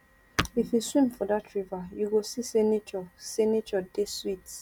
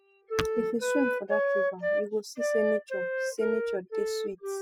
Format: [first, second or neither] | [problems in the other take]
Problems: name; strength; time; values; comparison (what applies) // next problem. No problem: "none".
first | noise reduction (classical method spectral subtraction)